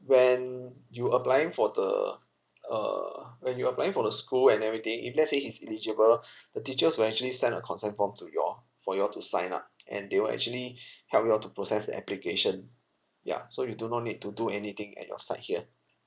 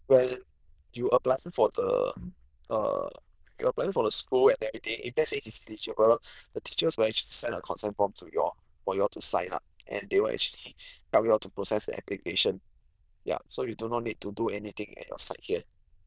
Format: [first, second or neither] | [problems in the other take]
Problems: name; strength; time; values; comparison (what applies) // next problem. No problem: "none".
first | noise reduction (neural diffusion model UNIVERSE++)